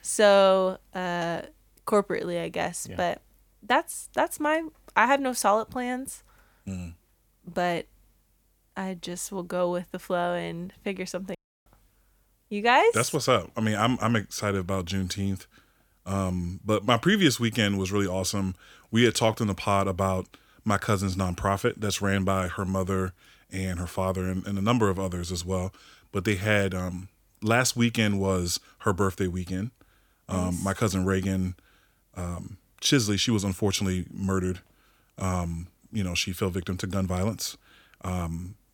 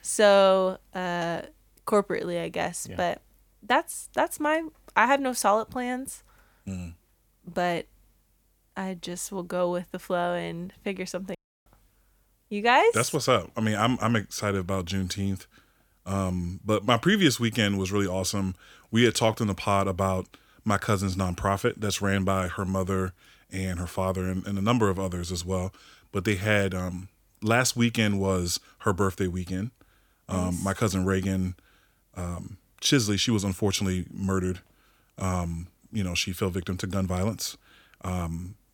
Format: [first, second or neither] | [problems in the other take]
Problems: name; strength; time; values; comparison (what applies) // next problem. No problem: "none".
neither | audio cutting out; at 11 s; the same in both